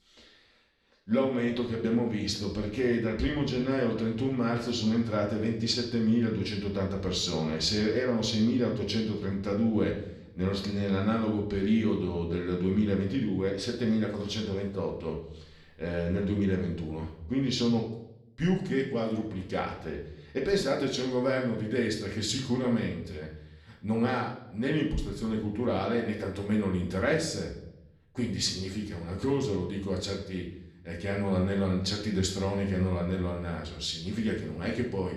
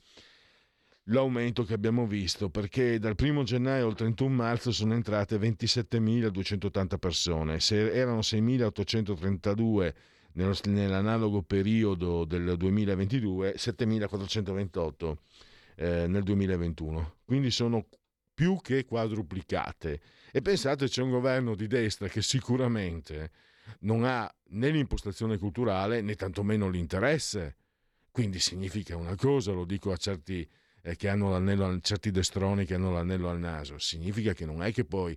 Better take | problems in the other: second | room echo; slight; dies away in 0.6 s // off-mic speech; far

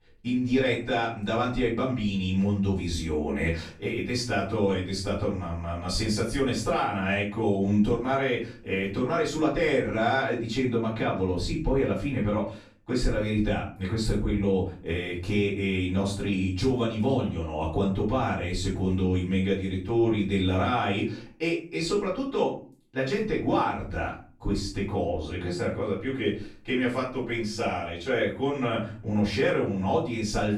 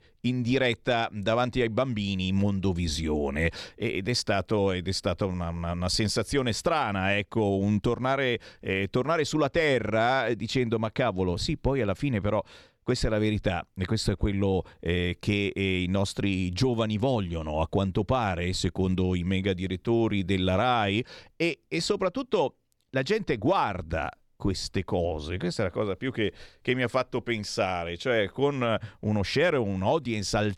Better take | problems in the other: second | off-mic speech; far // room echo; noticeable; dies away in 0.4 s

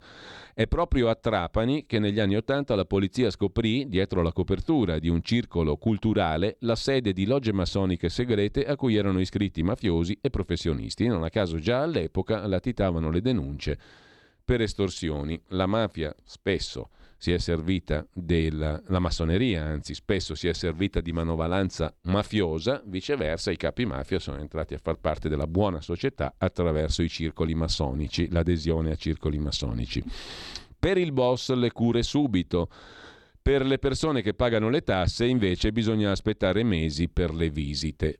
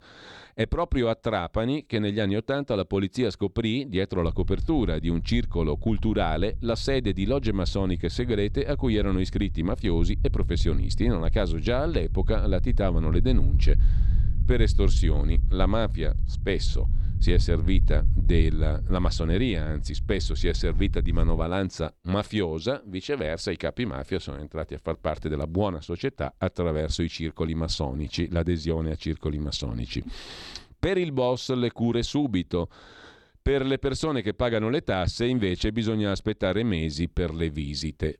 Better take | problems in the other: first | low rumble; noticeable; from 4 to 21 s; 20 dB below the speech

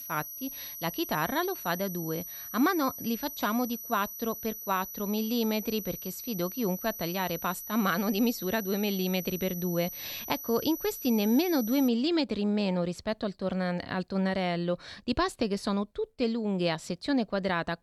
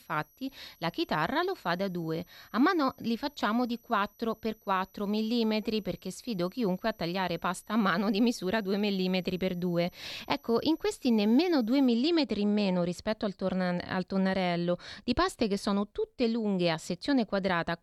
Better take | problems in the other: second | high-pitched whine; loud; until 12 s; 12 kHz, 8 dB below the speech; faint in the second

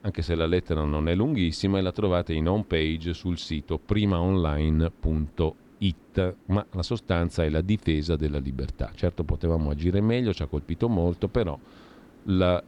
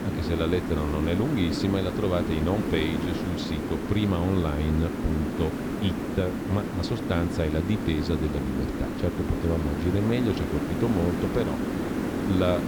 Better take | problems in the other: first | hiss; loud; throughout; 2 dB below the speech; faint in the first

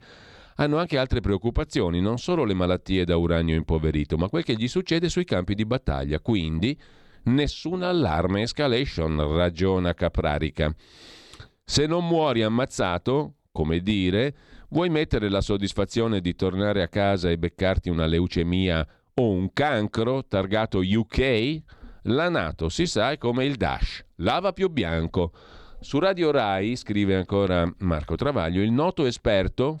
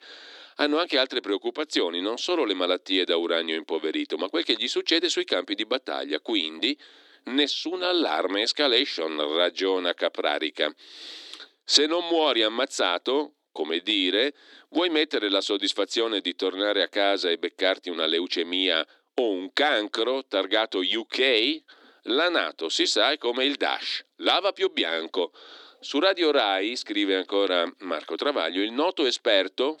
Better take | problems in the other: first | thin; somewhat; fading below 300 Hz

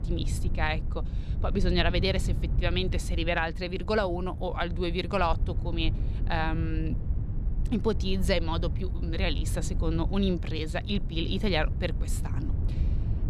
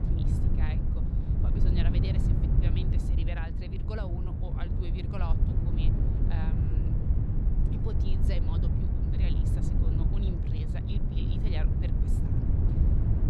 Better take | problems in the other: first | wind noise on the microphone; heavy; 3 dB above the speech; occasional gusts in the first

